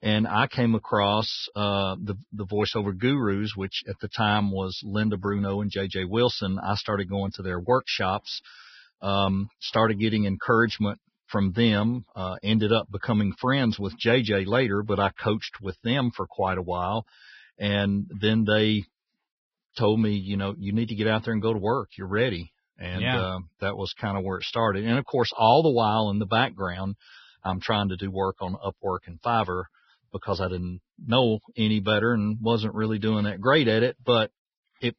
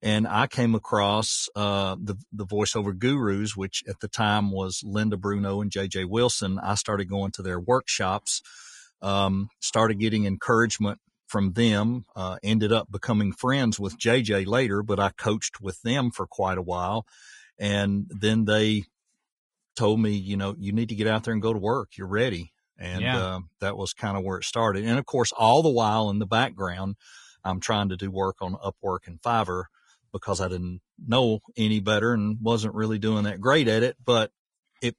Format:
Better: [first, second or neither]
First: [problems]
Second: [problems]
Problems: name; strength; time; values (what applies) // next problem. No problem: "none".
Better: second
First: garbled, watery; badly; nothing above 5.5 kHz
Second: garbled, watery; slightly; nothing above 10 kHz